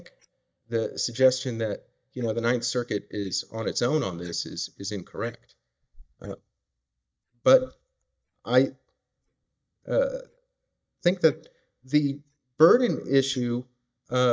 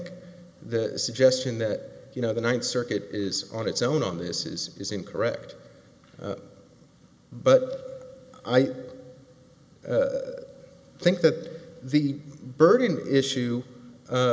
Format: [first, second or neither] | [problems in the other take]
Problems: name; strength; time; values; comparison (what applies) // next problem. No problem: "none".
second | noise reduction (neural mask model DeepFilterNet 3)